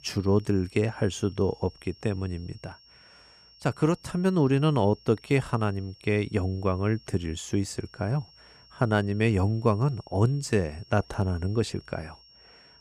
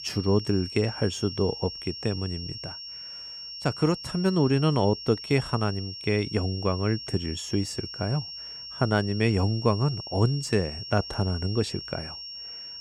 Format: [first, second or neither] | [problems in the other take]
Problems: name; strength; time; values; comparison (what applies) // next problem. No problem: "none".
first | high-pitched whine; loud; throughout; 5.5 kHz, 9 dB below the speech; faint in the first